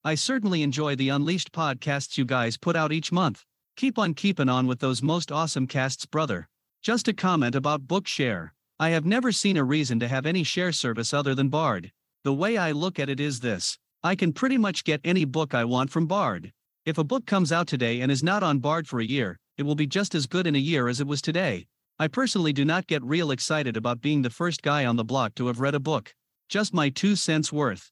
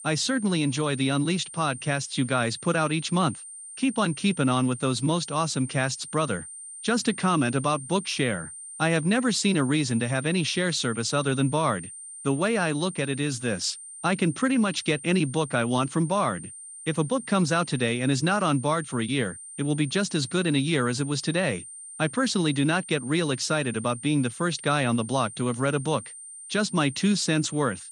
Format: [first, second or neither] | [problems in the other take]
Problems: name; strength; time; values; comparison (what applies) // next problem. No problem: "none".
first | high-pitched whine; noticeable; throughout; 9 kHz, 15 dB below the speech